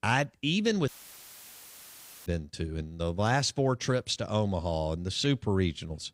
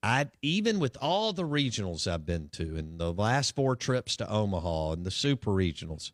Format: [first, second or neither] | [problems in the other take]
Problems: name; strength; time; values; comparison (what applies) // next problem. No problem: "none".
second | audio cutting out; filled with static; at 1 s for 1.5 s